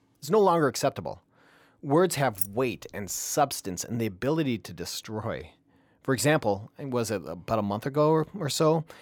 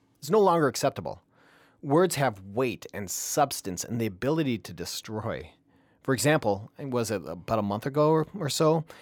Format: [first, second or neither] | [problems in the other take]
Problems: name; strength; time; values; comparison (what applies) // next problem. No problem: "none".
second | jangling keys; noticeable; at 2.5 s; peak 3 dB below the speech